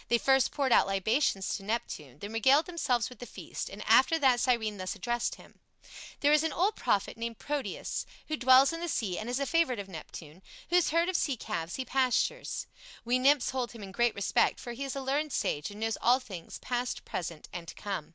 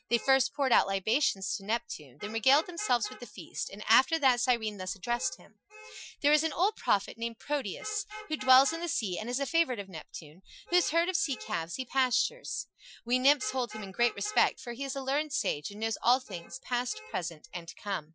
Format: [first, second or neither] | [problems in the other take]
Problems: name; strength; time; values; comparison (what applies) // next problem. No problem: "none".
first | noise reduction (classical method Wiener filter)